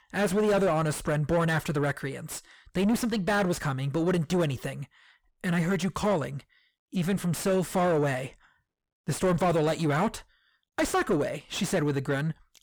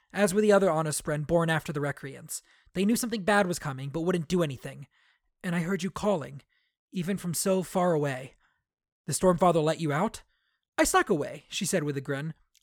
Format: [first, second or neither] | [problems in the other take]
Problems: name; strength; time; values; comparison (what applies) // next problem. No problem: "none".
second | distortion; heavy; 7 dB below the speech